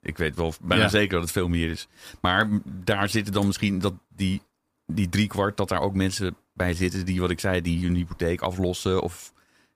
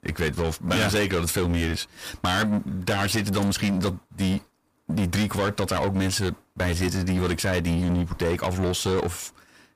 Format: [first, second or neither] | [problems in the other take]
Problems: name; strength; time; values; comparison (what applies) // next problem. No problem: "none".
first | distortion; heavy; 7 dB below the speech